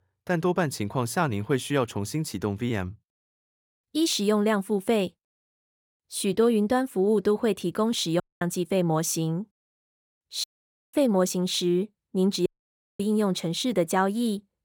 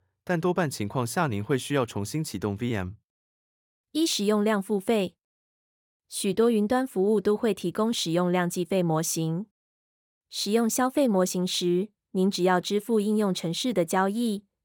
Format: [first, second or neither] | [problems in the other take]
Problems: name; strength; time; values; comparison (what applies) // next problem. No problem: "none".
second | audio cutting out; at 8 s, at 10 s and at 12 s for 0.5 s